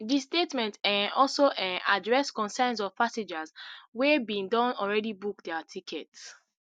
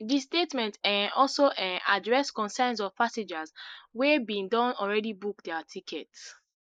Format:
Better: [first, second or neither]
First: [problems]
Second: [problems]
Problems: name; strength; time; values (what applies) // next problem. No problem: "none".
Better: first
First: none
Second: noise reduction (neural mask model Resemble Enhance denoiser)